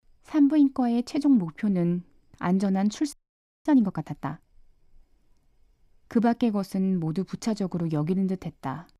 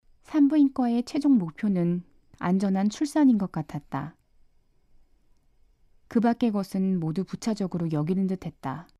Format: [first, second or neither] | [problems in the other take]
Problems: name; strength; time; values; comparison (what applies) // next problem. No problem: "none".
second | audio freezing; at 3 s for 0.5 s